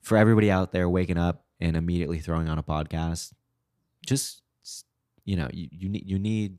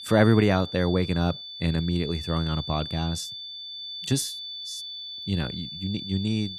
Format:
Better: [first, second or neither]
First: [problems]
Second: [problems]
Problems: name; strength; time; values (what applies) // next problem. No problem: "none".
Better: first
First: none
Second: high-pitched whine; loud; throughout; 3.5 kHz, 9 dB below the speech